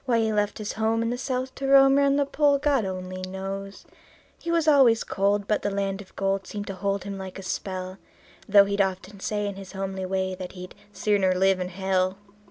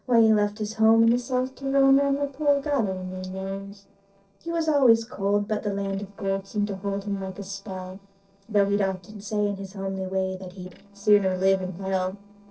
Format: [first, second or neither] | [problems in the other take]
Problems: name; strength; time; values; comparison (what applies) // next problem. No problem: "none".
first | noise reduction (neural separator model SepFormer DNS4)